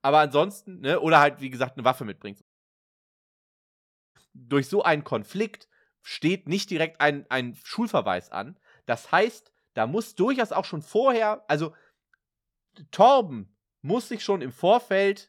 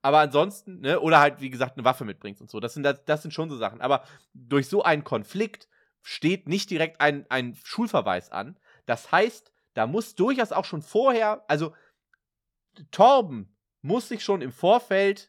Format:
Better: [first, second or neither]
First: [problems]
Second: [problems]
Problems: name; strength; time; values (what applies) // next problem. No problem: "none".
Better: second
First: audio cutting out; at 2.5 s for 1.5 s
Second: none